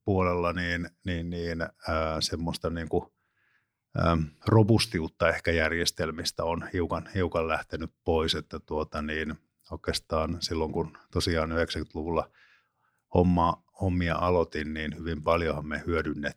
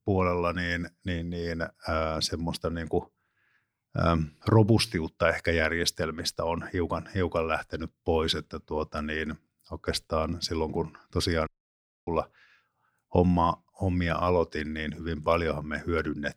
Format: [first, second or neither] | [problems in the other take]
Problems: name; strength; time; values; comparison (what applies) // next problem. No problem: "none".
first | audio cutting out; at 11 s for 0.5 s